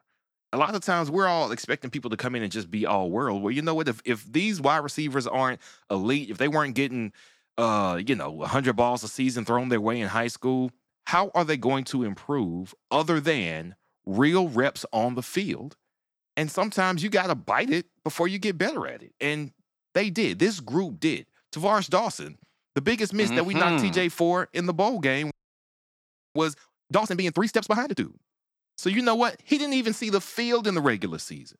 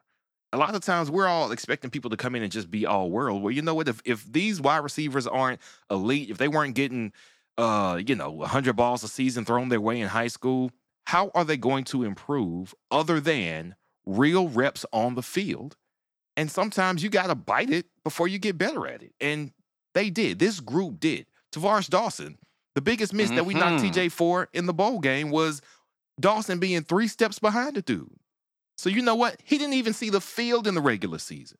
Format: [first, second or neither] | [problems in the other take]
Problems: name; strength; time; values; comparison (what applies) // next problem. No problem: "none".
second | audio freezing; at 25 s for 1 s